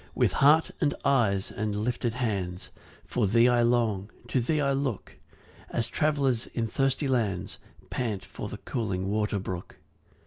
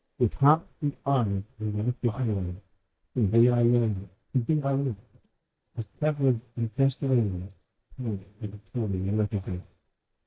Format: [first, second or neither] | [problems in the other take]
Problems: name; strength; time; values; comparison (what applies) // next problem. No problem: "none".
first | noise reduction (neural mask model DeepFilterNet 3)